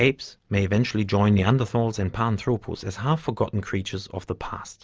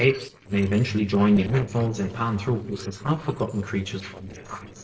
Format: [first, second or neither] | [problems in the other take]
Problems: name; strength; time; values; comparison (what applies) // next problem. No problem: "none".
first | noise reduction (neural separator model SepFormer DNS4)